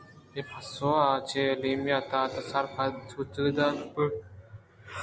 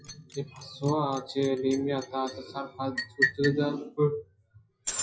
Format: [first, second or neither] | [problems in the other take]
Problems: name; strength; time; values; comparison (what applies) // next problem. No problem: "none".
first | noise reduction (classical method WPE with log-MMSE)